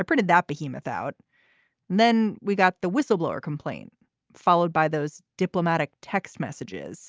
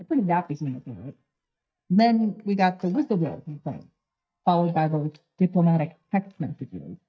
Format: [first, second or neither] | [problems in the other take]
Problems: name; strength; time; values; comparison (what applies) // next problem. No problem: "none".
first | noise reduction (neural mask model DeepFilterNet 3)